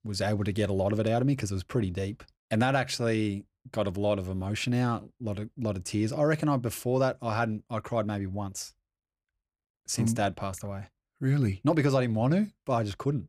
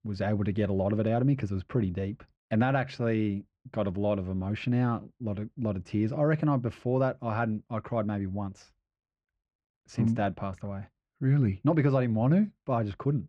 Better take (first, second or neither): first